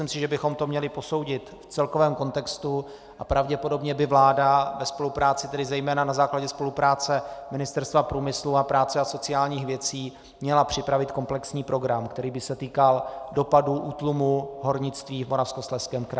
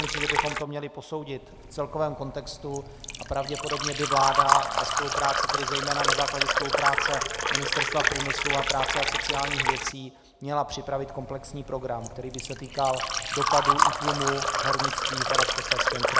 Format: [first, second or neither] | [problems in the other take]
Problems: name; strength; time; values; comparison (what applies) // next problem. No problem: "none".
first | background sound (Liquid); 3 dB above the speech